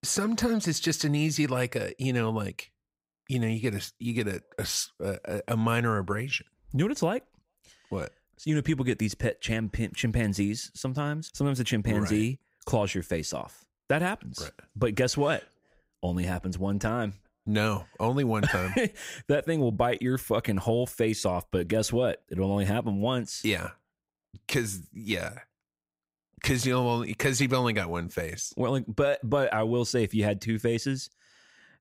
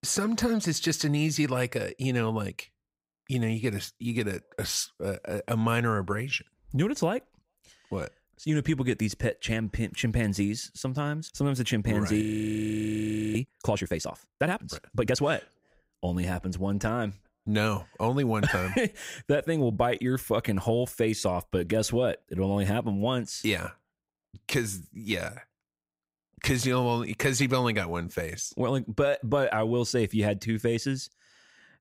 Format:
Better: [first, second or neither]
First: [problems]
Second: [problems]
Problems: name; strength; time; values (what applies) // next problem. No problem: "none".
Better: first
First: none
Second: audio freezing; at 12 s for 1 s